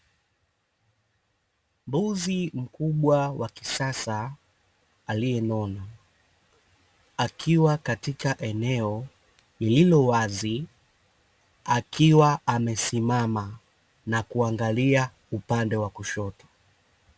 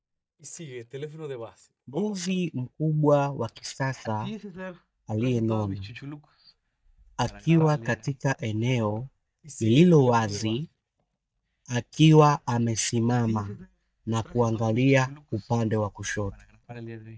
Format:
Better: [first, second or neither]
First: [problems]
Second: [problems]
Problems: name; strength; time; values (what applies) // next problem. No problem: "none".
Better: first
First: none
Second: noise reduction (neural mask model DeepFilterNet 3)